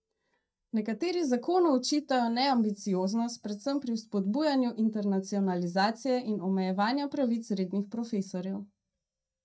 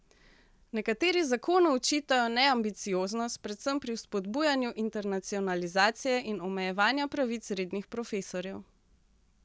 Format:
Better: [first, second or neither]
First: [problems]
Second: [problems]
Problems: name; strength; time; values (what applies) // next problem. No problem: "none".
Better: second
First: noise reduction (neural mask model DeepFilterNet 3)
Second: none